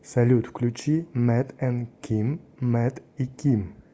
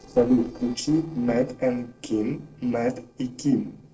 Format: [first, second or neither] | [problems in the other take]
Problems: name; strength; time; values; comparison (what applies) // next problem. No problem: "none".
first | noise reduction (neural separator model SepFormer DNS4)